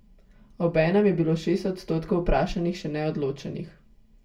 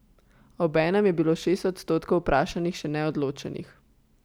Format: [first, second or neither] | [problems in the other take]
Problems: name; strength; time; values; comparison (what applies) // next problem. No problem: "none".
second | room echo; dies away in 0.2 s